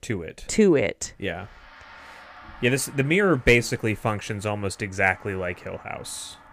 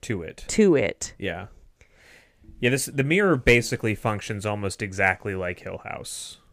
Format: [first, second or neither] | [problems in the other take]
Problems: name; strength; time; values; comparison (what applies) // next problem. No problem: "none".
second | background music; faint; from 1.5 s on; 25 dB below the speech